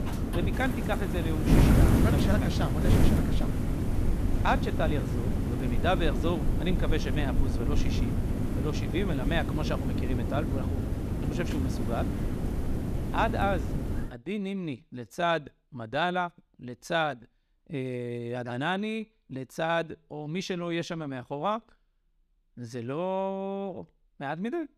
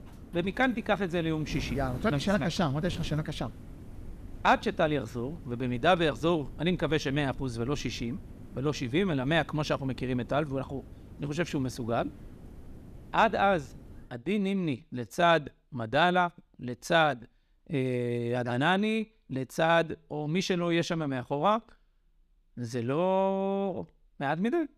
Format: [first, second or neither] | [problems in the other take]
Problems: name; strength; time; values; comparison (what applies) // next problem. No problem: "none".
second | wind noise on the microphone; heavy; until 14 s; 4 dB below the speech; occasional gusts in the second